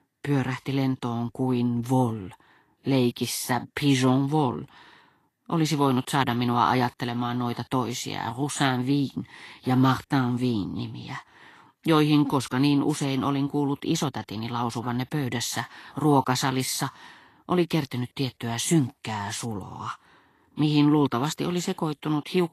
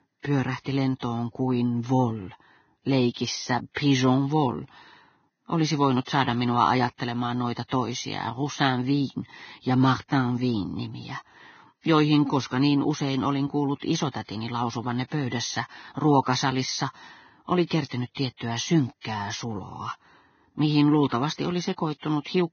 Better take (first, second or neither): first